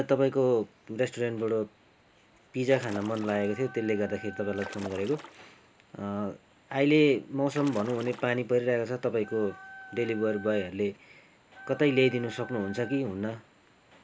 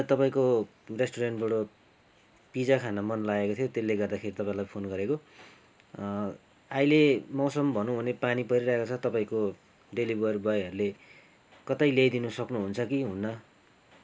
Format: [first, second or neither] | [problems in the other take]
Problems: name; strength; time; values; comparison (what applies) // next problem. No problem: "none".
second | background sound (Wind instrument, woodwind instrument + Splash, splatter); 16 dB below the speech